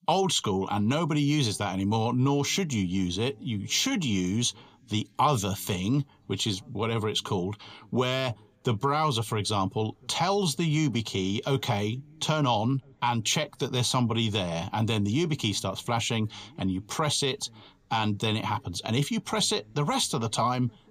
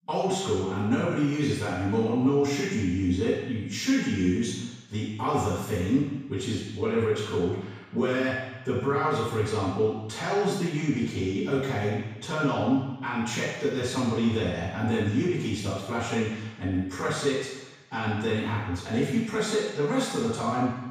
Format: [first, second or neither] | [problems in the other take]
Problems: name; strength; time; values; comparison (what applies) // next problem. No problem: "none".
first | room echo; strong; dies away in 1.1 s; slight in the first // off-mic speech; far